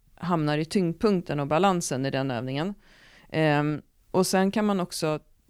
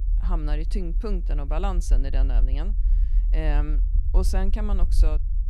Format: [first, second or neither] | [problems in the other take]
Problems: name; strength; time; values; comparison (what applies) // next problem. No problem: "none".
first | low rumble; noticeable; throughout; 15 dB below the speech